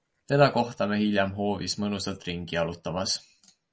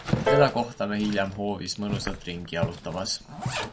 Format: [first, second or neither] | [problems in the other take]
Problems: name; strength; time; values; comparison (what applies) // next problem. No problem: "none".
first | background sound (Piano + Zipper (clothing)); 2 dB below the speech